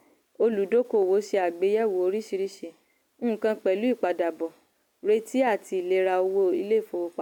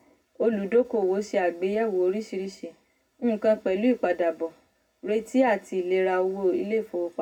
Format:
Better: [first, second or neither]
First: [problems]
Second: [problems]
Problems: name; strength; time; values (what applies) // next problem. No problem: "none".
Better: first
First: none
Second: room echo; dies away in 0.4 s